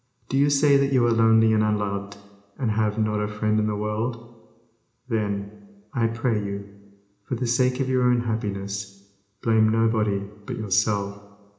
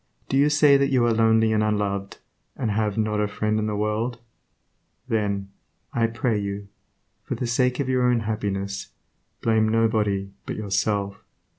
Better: second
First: room echo; dies away in 0.8 s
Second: none

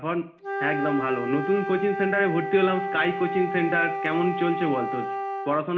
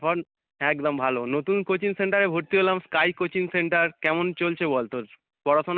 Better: second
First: background sound (Wind instrument, woodwind instrument); 4 dB below the speech // room echo; dies away in 0.4 s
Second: none

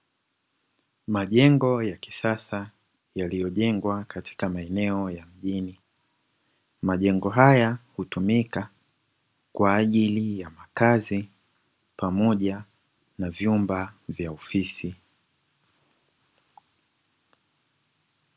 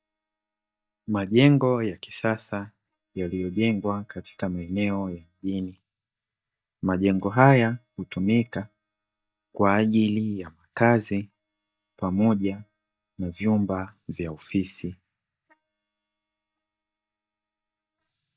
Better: first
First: none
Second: noise reduction (neural mask model DeepFilterNet 3)

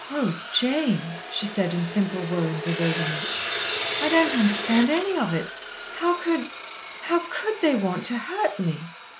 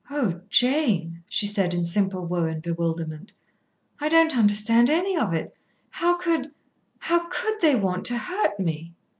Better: second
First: background sound (Sawing); 7 dB below the speech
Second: none

